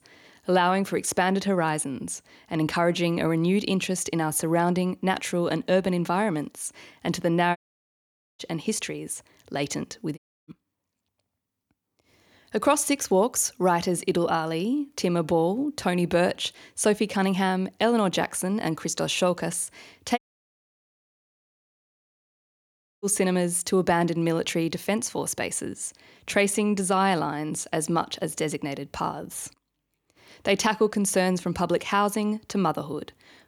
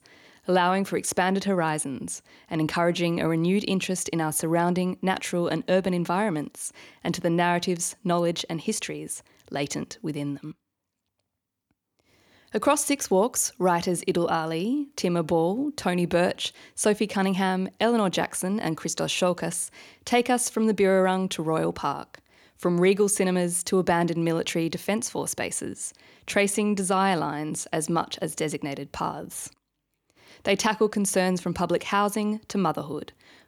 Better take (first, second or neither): second